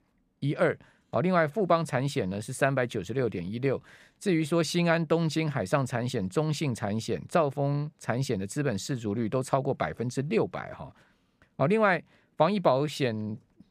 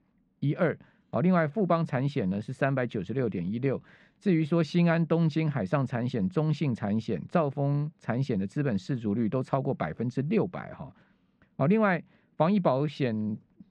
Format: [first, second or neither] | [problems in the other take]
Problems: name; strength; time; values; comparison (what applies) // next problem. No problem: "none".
first | muffled; slightly; fading above 3.5 kHz